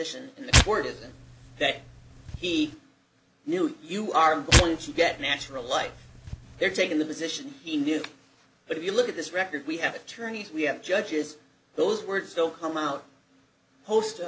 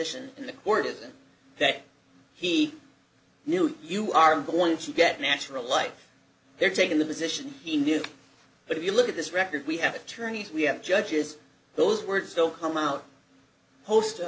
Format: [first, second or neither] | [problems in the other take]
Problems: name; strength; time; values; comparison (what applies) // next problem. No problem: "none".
second | background sound (Tearing); 1 dB above the speech